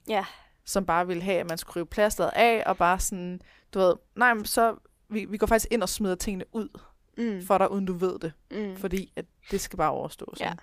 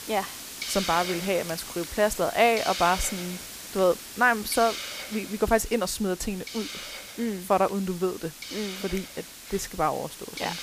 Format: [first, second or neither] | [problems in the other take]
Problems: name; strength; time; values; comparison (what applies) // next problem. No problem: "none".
first | hiss; loud; throughout; 9 dB below the speech